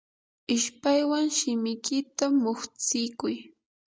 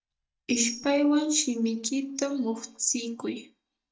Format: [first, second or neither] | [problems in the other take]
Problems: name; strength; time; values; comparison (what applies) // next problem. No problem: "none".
first | noise reduction (neural mask model DeepFilterNet 3)